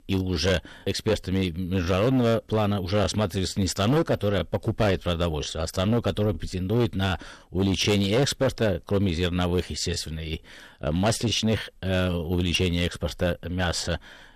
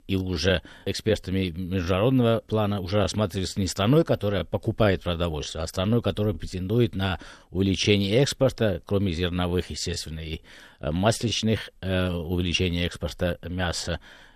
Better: second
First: distortion; slight; 7% of the sound clipped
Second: none

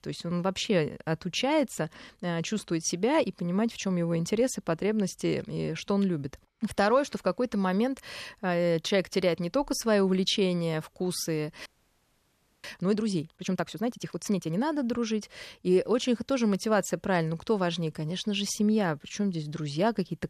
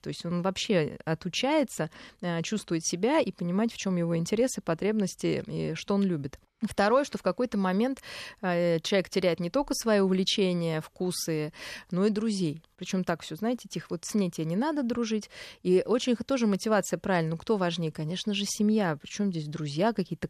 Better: second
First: audio freezing; at 12 s for 1 s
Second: none

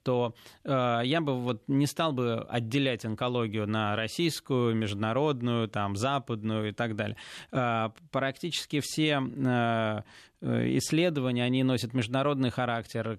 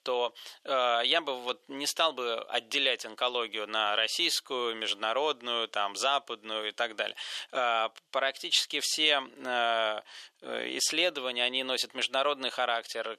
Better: first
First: none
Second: thin; very; fading below 500 Hz

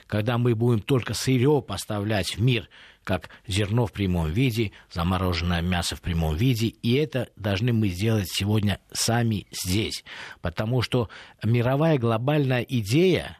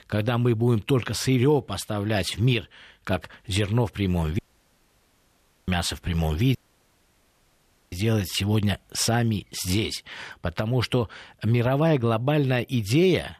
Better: first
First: none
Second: audio cutting out; at 4.5 s for 1.5 s and at 6.5 s for 1.5 s

